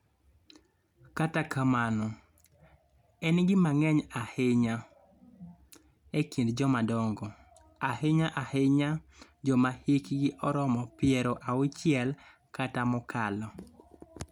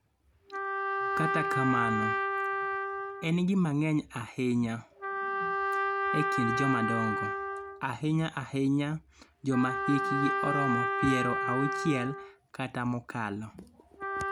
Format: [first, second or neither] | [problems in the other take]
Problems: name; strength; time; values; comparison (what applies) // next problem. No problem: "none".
first | background sound (Trumpet); 1 dB below the speech